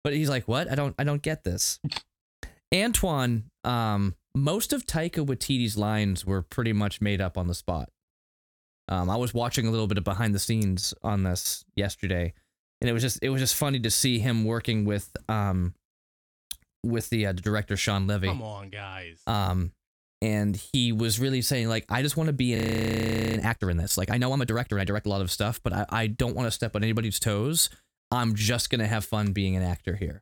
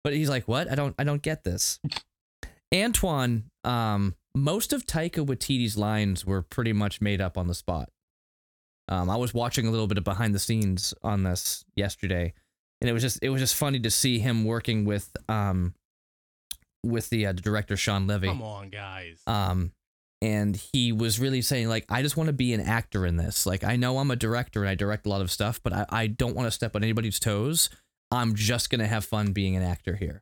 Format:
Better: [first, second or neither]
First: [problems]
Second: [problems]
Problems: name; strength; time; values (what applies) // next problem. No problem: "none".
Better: second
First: audio freezing; at 23 s for 1 s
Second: none